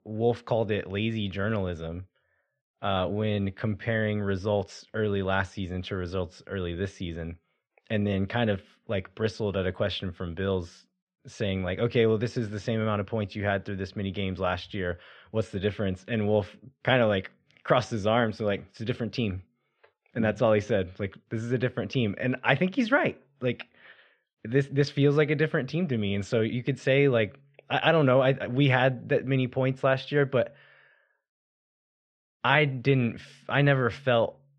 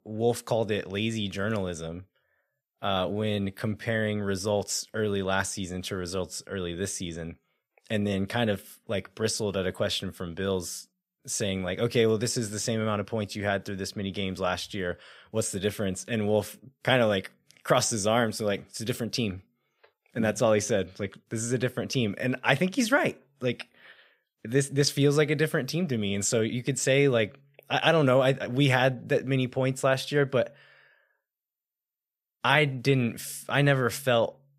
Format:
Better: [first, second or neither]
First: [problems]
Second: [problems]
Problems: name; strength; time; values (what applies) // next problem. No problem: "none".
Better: second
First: muffled; slightly; fading above 3.5 kHz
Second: none